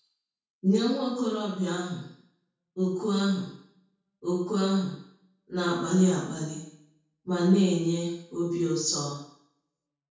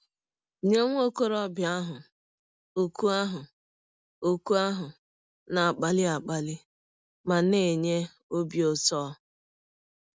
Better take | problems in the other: second | room echo; dies away in 0.6 s

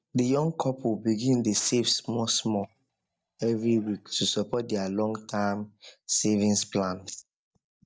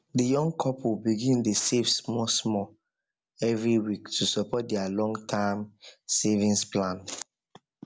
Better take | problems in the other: second | noise reduction (neural mask model DeepFilterNet 3)

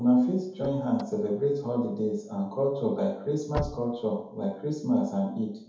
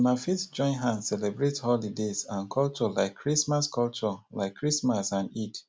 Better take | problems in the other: second | background sound (Slam / Car); 14 dB below the speech // room echo; dies away in 0.8 s

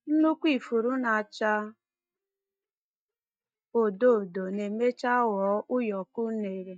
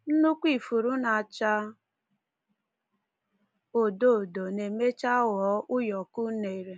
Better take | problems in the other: second | noise reduction (neural mask model DeepFilterNet 3)

